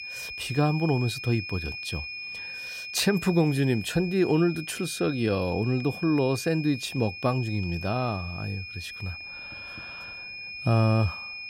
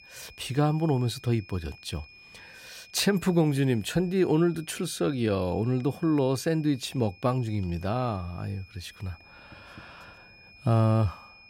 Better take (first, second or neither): second